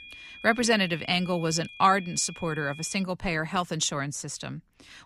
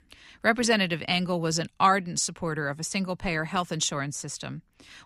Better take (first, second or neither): second